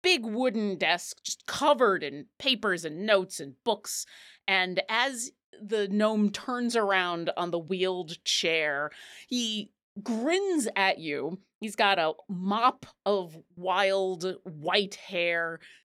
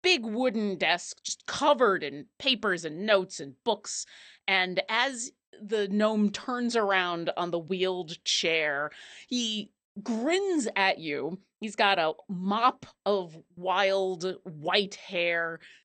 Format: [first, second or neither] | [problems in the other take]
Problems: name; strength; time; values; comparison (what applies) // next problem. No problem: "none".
first | garbled, watery; slightly; nothing above 8.5 kHz